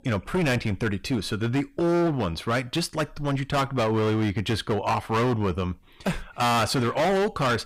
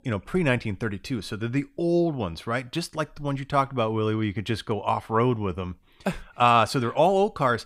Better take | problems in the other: second | distortion; heavy; 20% of the sound clipped

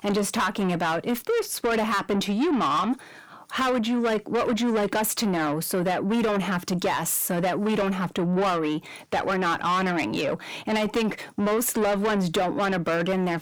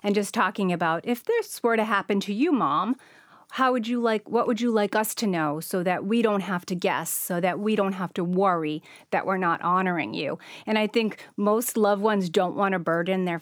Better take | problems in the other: second | distortion; heavy; 7 dB below the speech

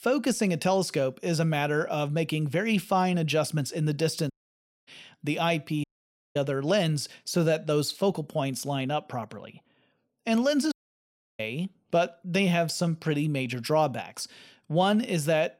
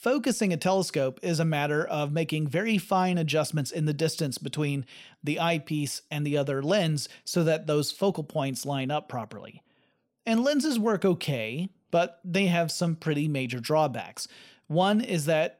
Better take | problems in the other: second | audio cutting out; at 4.5 s for 0.5 s, at 6 s for 0.5 s and at 11 s for 0.5 s

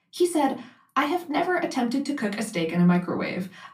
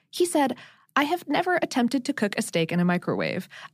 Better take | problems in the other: second | off-mic speech; far // room echo; very slight; dies away in 0.2 s

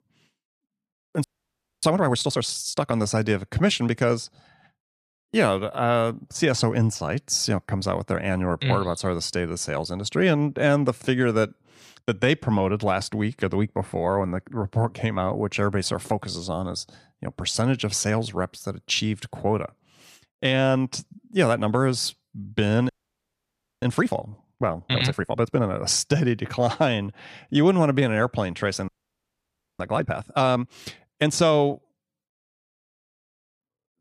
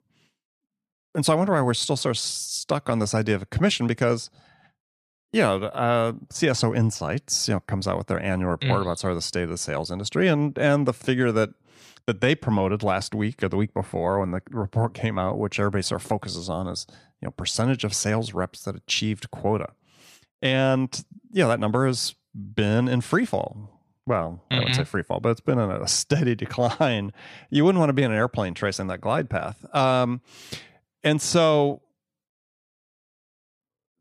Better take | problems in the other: second | audio freezing; at 1 s for 0.5 s, at 23 s for 1 s and at 29 s for 1 s

